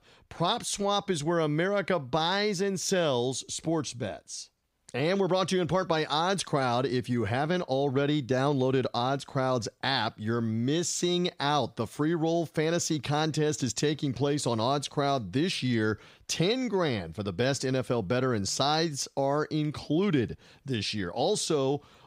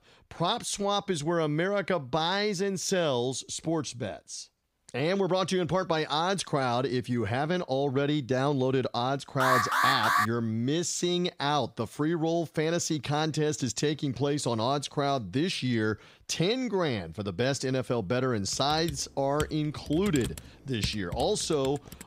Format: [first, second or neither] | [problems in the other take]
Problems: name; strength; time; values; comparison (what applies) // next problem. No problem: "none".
first | alarm; loud; at 9.5 s; peak 5 dB above the speech // keyboard typing; noticeable; from 19 s on; peak 8 dB below the speech